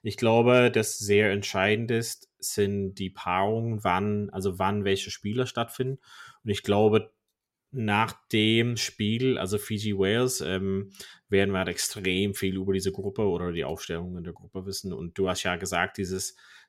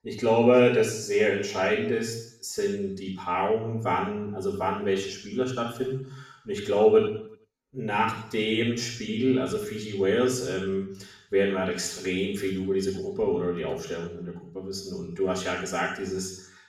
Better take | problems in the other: first | room echo; noticeable; dies away in 0.7 s // off-mic speech; far

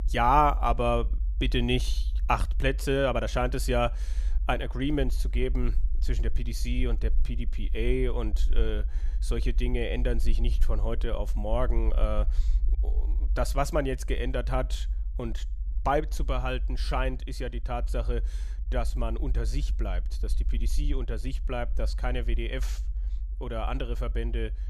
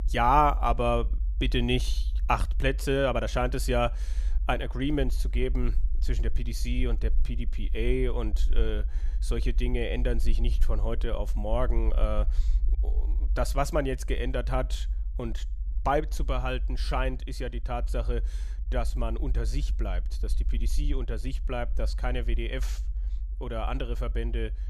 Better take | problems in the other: neither | low rumble; faint; throughout; 25 dB below the speech; the same in both

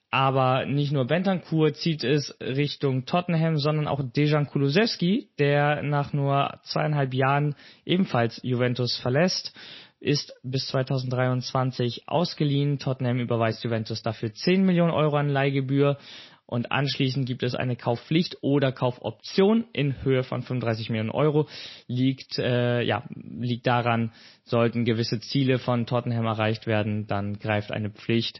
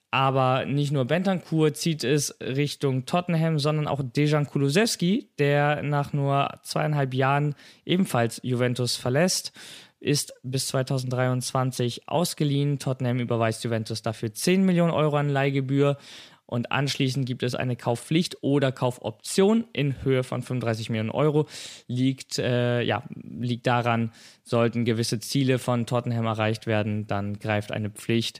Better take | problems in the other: second | garbled, watery; slightly; nothing above 5.5 kHz

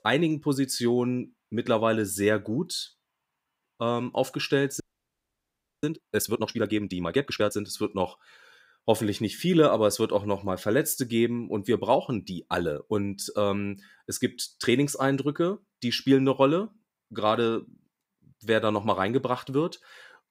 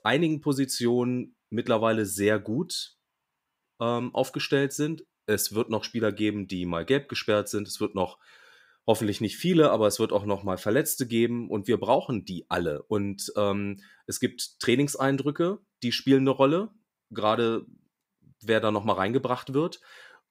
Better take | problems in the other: second | audio freezing; at 5 s for 1 s

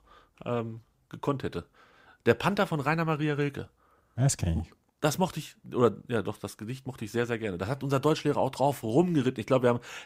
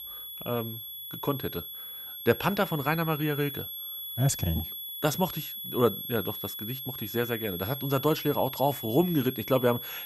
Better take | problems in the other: first | high-pitched whine; loud; throughout; 11.5 kHz, 7 dB below the speech

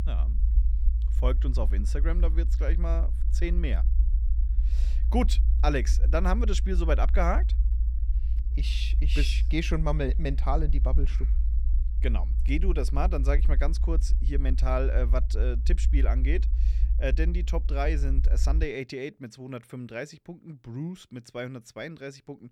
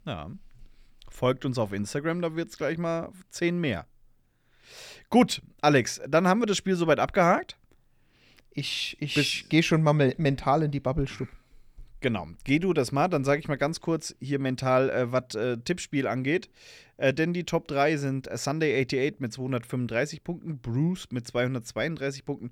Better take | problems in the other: second | low rumble; noticeable; until 19 s; 15 dB below the speech

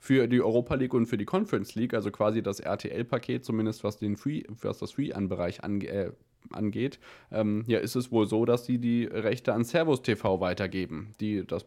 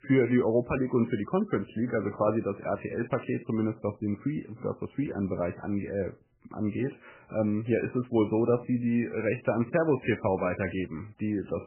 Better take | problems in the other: first | garbled, watery; badly; nothing above 2.5 kHz

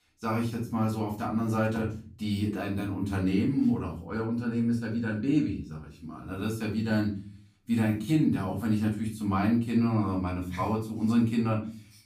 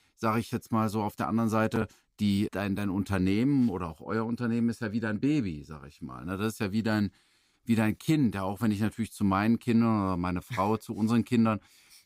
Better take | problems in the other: second | off-mic speech; far // room echo; slight; dies away in 0.4 s

